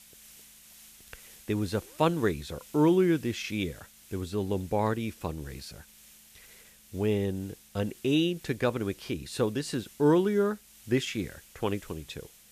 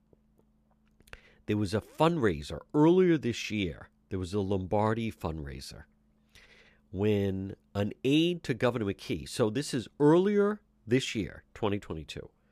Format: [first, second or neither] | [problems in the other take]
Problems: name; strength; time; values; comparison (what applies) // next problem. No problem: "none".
second | hiss; faint; throughout; 20 dB below the speech